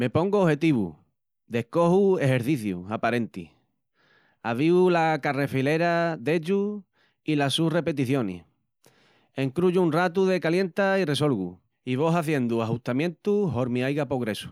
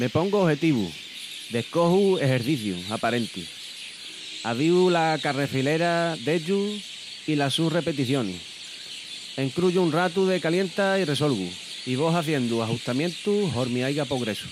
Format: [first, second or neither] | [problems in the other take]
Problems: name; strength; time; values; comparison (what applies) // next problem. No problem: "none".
first | background sound (Chirp, tweet); 13 dB below the speech